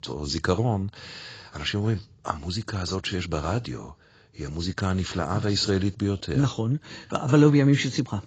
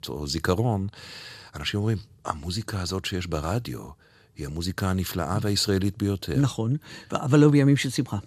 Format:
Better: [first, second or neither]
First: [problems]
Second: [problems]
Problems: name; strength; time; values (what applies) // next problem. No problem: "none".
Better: second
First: garbled, watery; badly; nothing above 7.5 kHz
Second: none